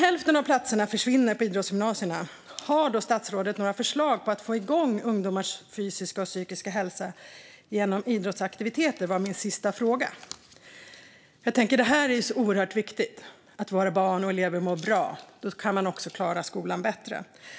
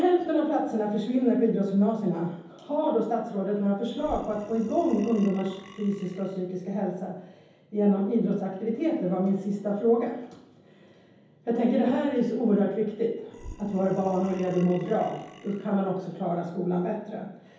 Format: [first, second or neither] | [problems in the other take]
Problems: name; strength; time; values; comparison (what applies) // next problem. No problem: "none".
first | background sound (Burping, eructation); 18 dB below the speech // room echo; dies away in 0.9 s